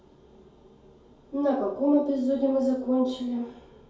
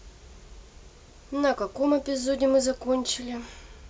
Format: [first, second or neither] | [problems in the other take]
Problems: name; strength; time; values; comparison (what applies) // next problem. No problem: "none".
second | room echo; dies away in 2.4 s